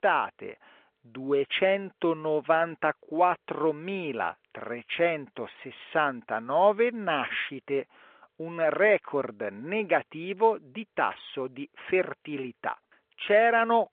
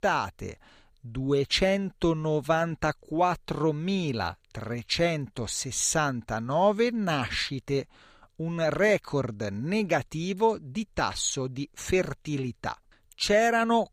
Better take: second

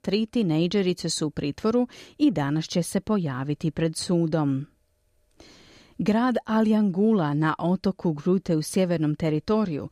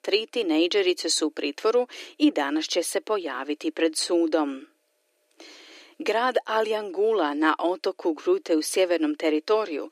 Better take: first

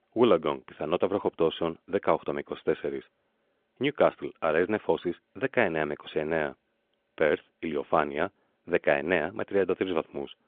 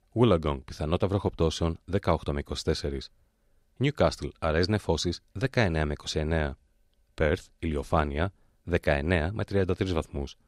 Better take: second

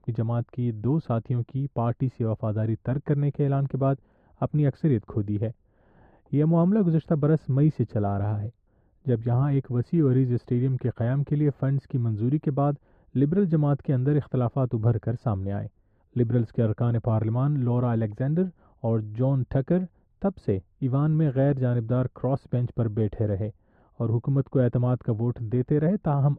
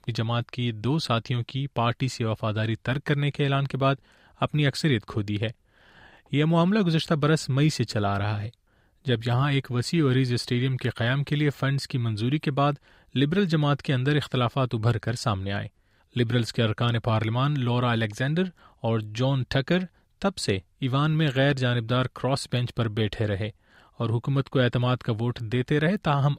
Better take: second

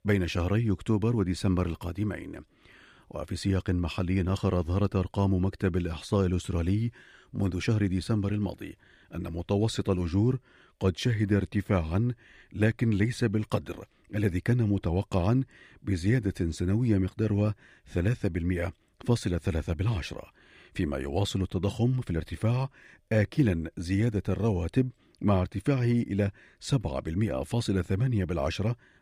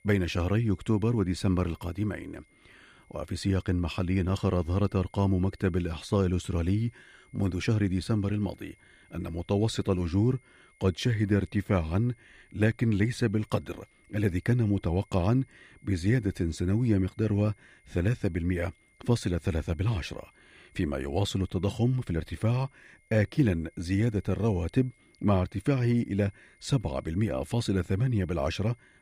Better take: first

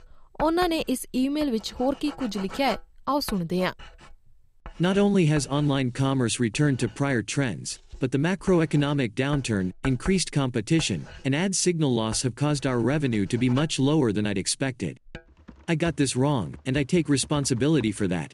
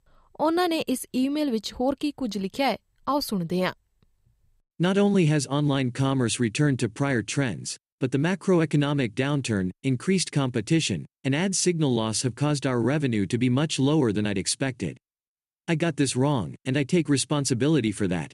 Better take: second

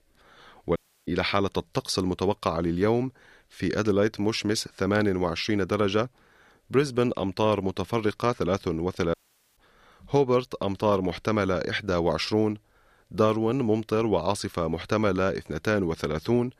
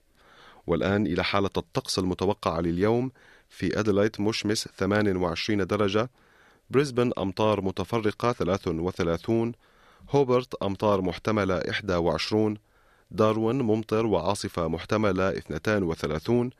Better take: second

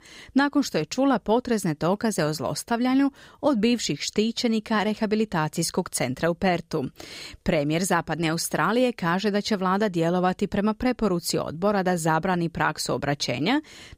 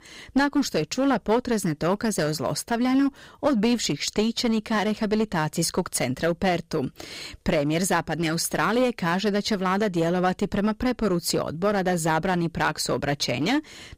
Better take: first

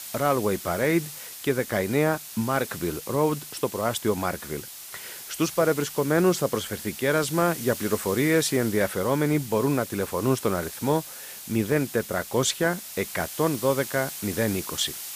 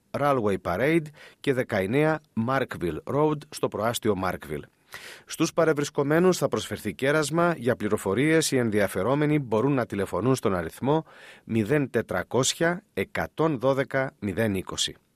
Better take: second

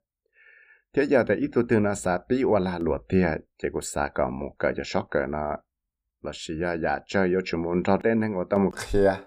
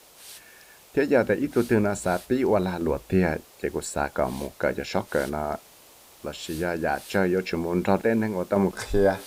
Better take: first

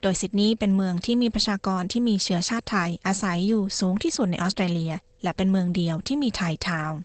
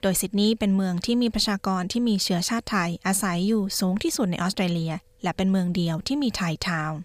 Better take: second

